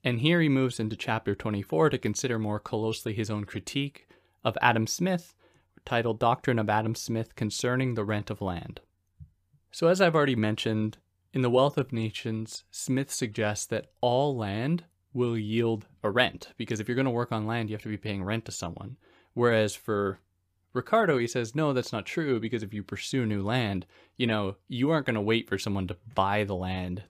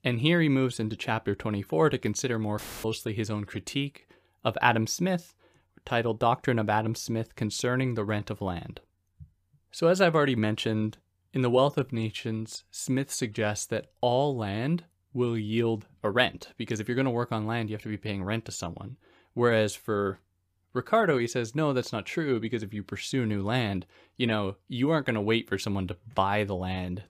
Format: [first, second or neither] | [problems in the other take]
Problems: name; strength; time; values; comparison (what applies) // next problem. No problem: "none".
first | audio cutting out; filled with static; at 2.5 s